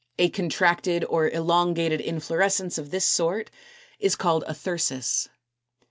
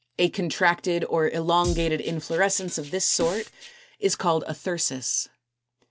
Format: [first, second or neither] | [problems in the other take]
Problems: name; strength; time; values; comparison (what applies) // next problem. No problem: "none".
first | background sound (Drum kit); 10 dB below the speech